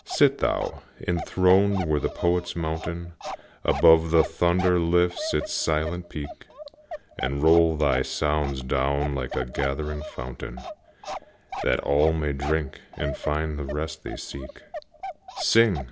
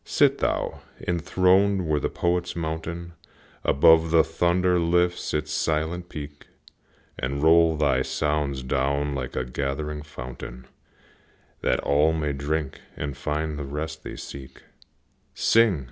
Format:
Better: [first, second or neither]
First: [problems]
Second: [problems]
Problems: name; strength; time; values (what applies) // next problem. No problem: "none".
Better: second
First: background sound (Bark); 13 dB below the speech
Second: none